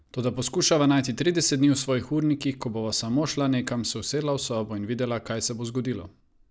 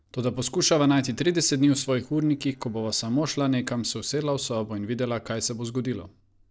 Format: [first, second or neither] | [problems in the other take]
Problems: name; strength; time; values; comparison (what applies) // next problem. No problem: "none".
first | noise reduction (neural separator model SepFormer DNS4)